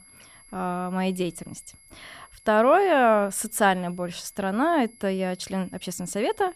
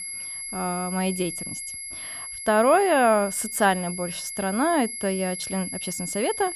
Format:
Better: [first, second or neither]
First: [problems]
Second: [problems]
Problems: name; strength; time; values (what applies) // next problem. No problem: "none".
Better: first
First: high-pitched whine; faint; throughout; 11 kHz, 25 dB below the speech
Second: high-pitched whine; loud; throughout; 11 kHz, 7 dB below the speech